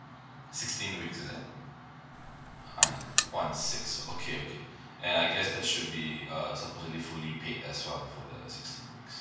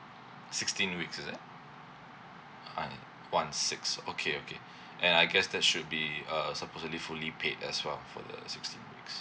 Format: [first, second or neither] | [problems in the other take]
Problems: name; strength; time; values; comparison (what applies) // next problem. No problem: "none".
second | background sound (Alarm); 3 dB above the speech // room echo; dies away in 1.2 s